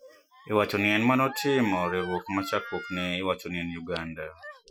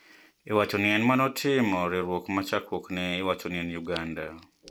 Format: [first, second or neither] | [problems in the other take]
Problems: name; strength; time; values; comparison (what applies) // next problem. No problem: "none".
second | noise reduction (classical method Wiener filter)